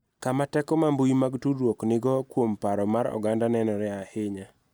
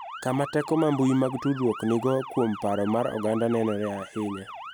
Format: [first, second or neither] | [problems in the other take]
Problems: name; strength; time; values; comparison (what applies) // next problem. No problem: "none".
first | background sound (Motor vehicle (road) / Siren); 14 dB below the speech